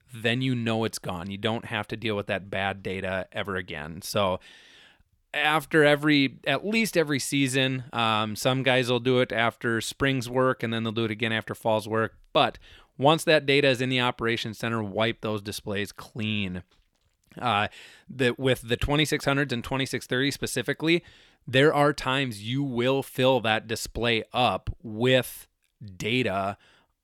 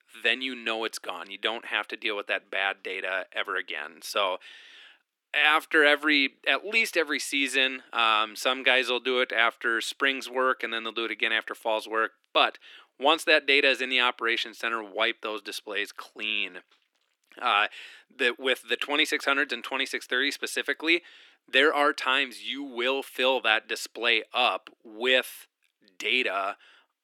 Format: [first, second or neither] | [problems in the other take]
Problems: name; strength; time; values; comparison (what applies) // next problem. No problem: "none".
first | thin; somewhat; fading below 300 Hz